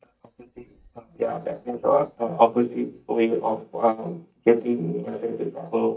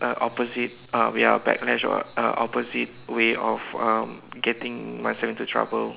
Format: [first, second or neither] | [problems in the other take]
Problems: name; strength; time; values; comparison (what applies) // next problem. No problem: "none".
second | noise reduction (neural mask model DeepFilterNet 3)